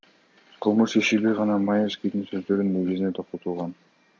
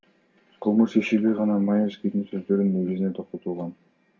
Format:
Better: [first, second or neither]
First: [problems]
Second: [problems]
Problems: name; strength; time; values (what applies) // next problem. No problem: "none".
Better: first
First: none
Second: room echo; dies away in 0.2 s